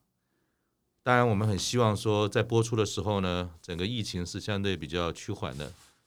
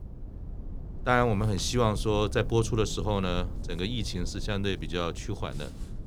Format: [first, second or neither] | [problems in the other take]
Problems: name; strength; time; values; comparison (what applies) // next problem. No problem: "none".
first | low rumble; faint; throughout; 20 dB below the speech